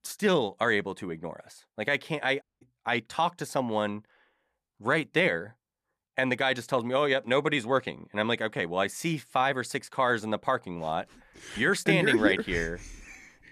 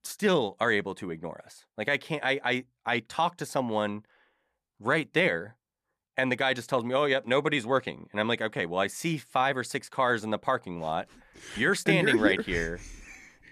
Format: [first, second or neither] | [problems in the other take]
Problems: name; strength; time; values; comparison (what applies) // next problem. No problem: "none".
second | audio cutting out; at 2.5 s